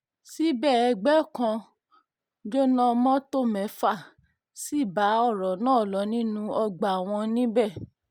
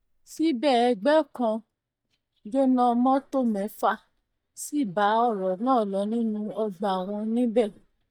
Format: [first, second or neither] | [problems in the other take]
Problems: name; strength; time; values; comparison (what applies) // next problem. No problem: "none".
first | noise reduction (neural mask model DeepFilterNet 3)